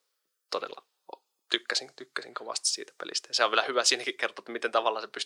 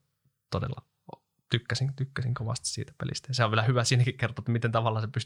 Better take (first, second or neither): second